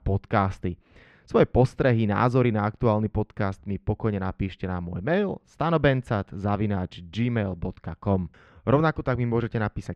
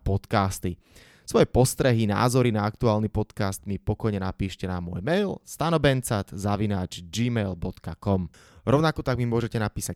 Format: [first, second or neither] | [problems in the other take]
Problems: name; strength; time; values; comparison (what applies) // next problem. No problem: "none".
second | muffled; very; fading above 2 kHz